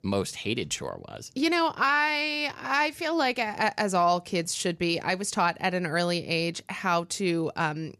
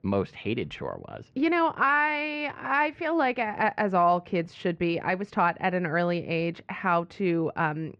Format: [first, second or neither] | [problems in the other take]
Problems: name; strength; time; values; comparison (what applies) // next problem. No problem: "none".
first | muffled; very; fading above 2.5 kHz